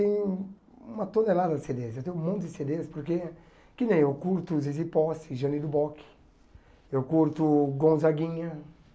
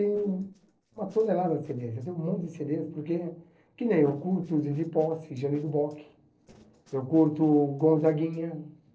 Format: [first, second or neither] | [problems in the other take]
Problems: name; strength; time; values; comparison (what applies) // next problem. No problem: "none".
first | noise reduction (neural separator model SepFormer DNS4)